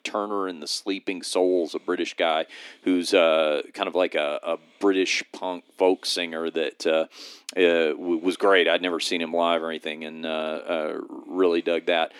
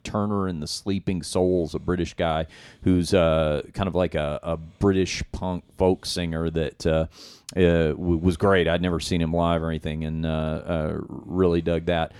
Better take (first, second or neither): second